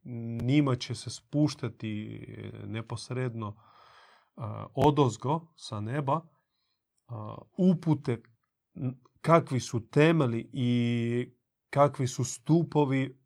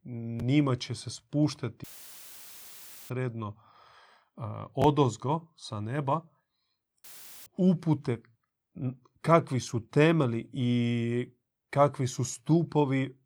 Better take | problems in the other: first | audio cutting out; filled with static; at 2 s for 1.5 s and at 7 s

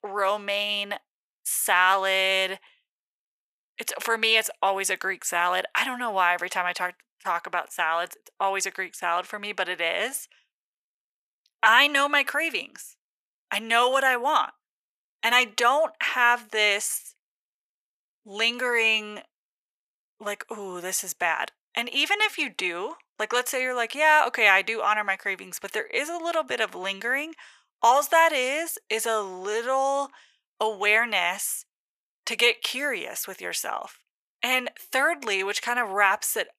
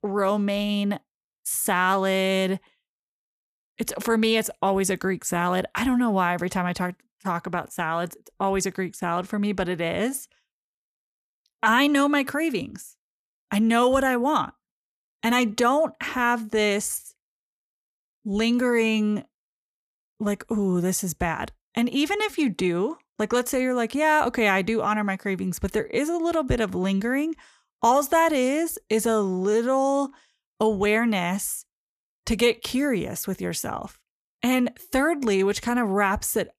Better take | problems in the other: second | thin; very; fading below 700 Hz

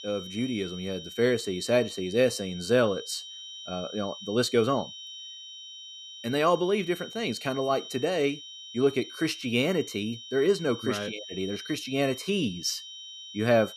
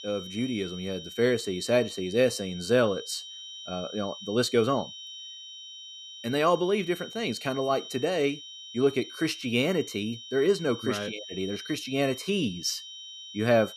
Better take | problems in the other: neither | high-pitched whine; noticeable; throughout; 3 kHz, 10 dB below the speech; the same in both

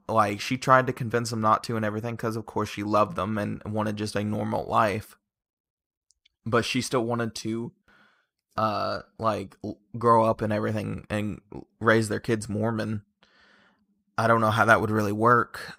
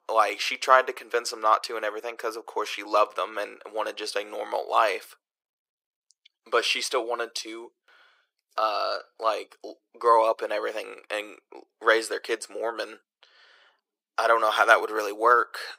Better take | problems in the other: first | thin; very; fading below 400 Hz

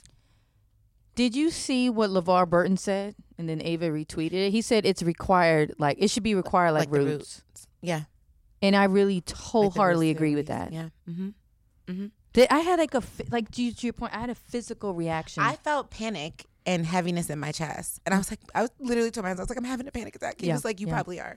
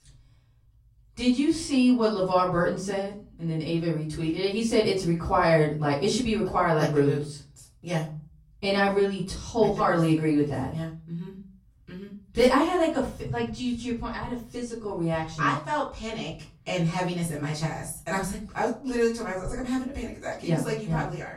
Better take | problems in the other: first | off-mic speech; far // room echo; slight; dies away in 0.4 s

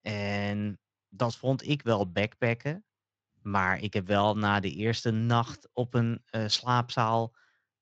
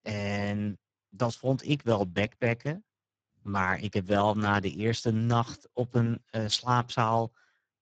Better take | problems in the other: first | garbled, watery; badly; nothing above 7.5 kHz; slightly in the first

